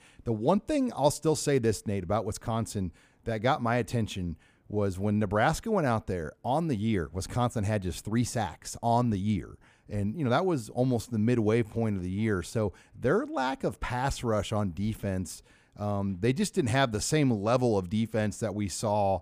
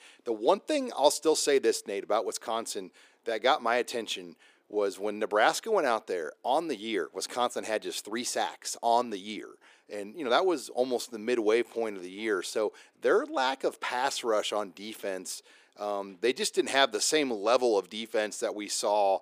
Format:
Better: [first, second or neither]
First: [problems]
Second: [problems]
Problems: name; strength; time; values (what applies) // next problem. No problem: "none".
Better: first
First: none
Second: thin; somewhat; fading below 350 Hz